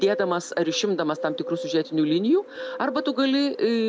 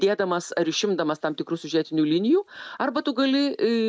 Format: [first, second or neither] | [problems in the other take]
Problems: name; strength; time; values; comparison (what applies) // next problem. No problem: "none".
second | background sound (Bird); 12 dB below the speech